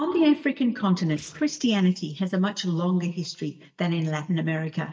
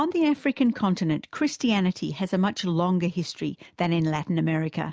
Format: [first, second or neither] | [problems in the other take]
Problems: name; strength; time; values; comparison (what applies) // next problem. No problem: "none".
second | noise reduction (neural mask model DeepFilterNet 3)